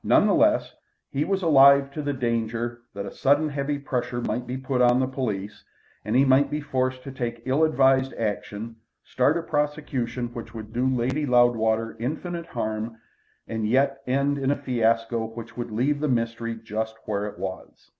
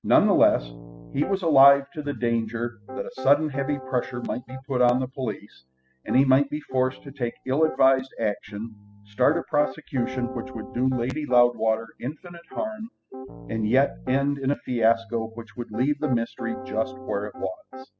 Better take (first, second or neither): first